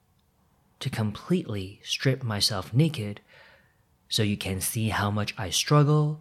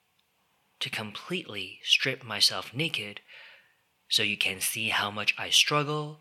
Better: first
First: none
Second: thin; somewhat; fading below 650 Hz

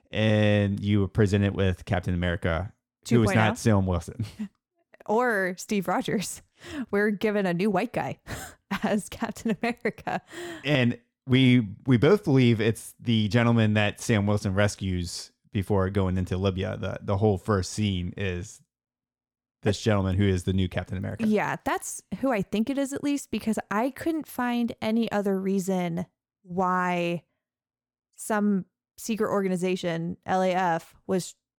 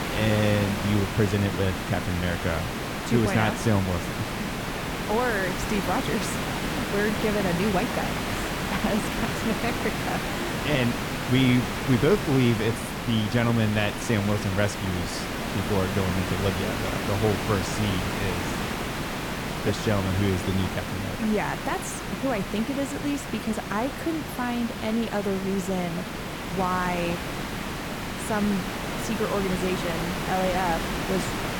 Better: first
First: none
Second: hiss; loud; throughout; 3 dB below the speech

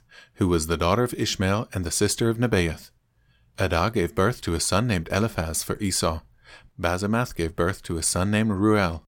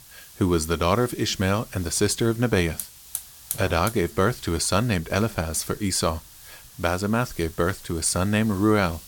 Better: first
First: none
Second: hiss; noticeable; throughout; 15 dB below the speech

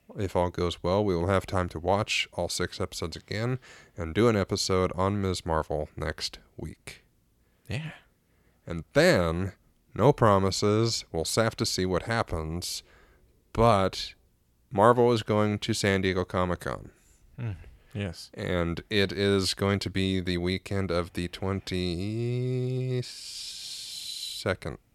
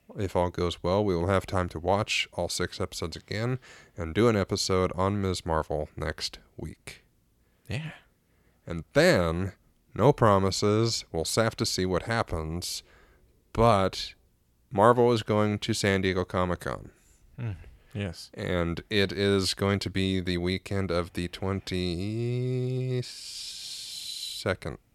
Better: neither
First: none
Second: none

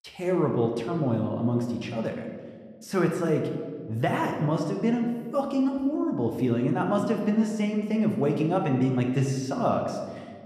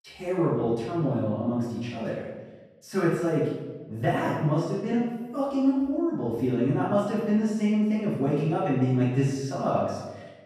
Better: first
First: room echo; slight; dies away in 1.3 s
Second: room echo; strong; dies away in 1 s // off-mic speech; far

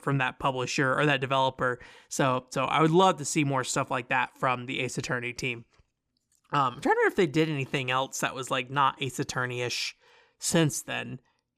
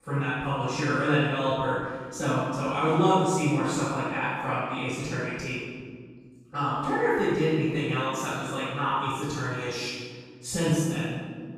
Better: first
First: none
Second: room echo; strong; dies away in 1.6 s // off-mic speech; far

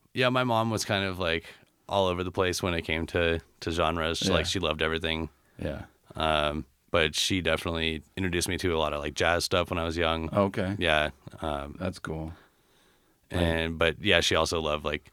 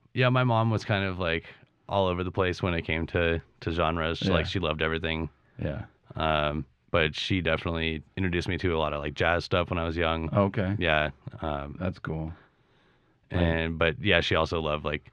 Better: first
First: none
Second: muffled; slightly; fading above 2.5 kHz

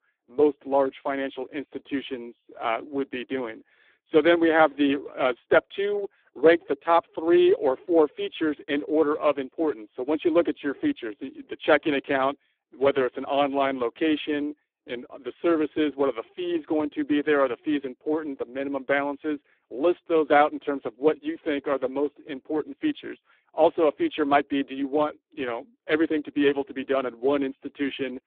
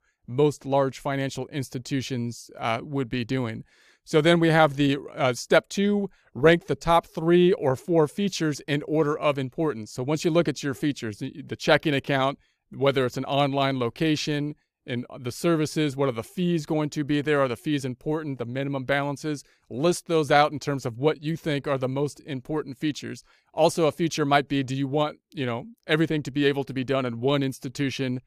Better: second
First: phone-call audio; poor line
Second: none

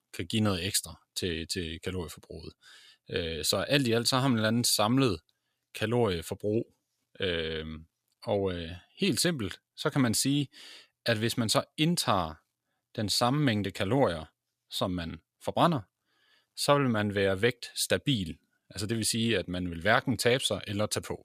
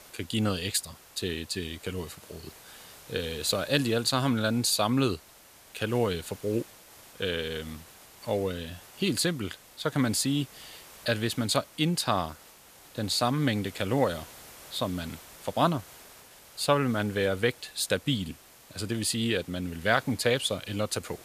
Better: first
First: none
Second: hiss; faint; throughout; 20 dB below the speech

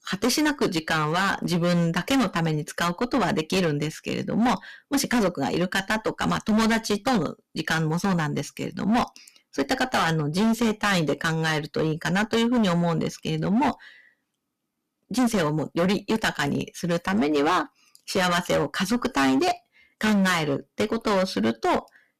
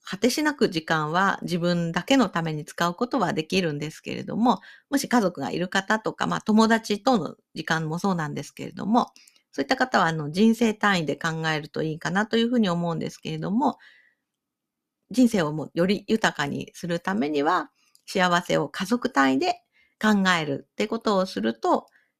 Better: second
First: distortion; heavy; 14% of the sound clipped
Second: none

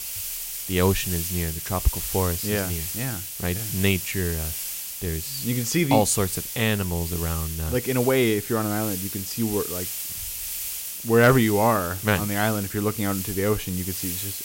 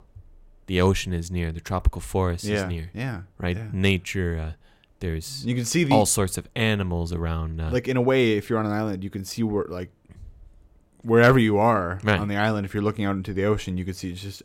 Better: second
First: hiss; loud; throughout; 5 dB below the speech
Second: none

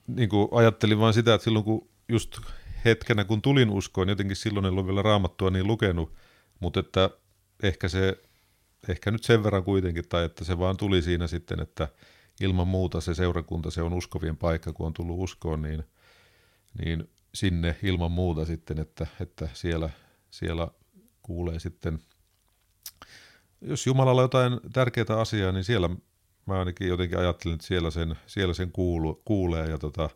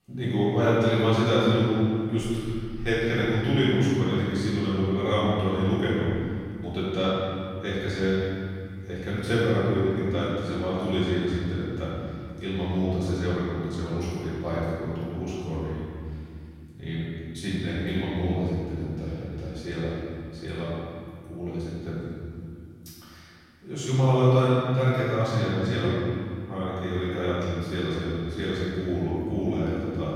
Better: first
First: none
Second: room echo; strong; dies away in 2.3 s // off-mic speech; far

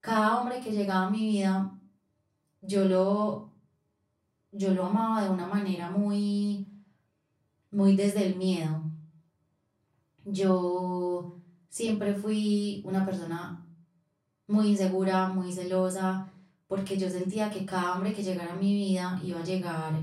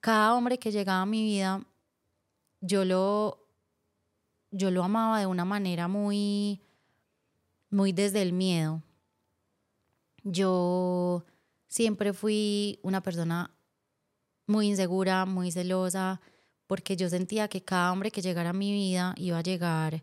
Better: second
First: off-mic speech; far // room echo; slight; dies away in 0.4 s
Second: none

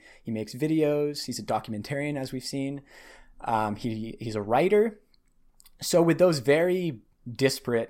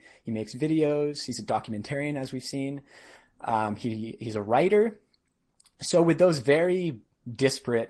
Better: first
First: none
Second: garbled, watery; slightly

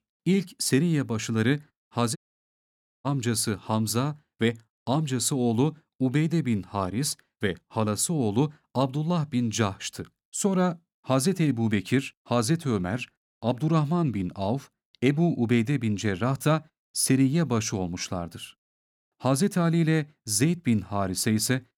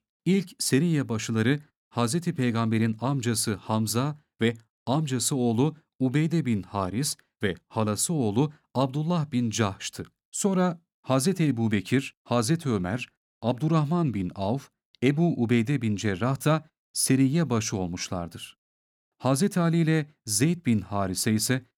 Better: second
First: audio cutting out; at 2 s for 1 s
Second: none

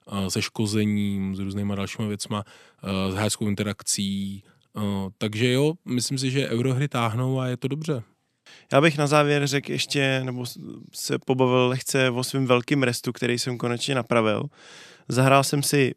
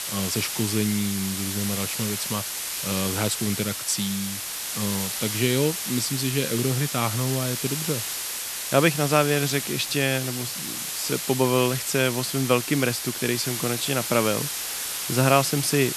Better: first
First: none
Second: hiss; loud; throughout; 3 dB below the speech

